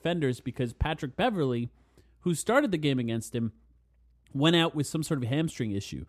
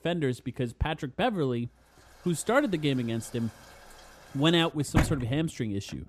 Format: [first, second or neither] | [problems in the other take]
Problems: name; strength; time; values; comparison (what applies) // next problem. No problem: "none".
first | household noises; loud; from 2 s on; 2 dB below the speech